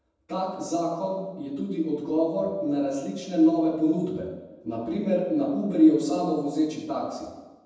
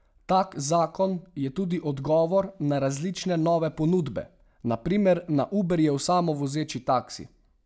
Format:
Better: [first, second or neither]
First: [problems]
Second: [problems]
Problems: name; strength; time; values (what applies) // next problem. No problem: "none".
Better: second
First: room echo; dies away in 1.1 s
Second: none